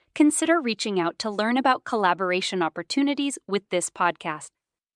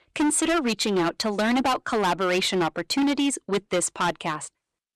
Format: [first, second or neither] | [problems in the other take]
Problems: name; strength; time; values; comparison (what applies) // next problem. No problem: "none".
first | distortion; heavy; 18% of the sound clipped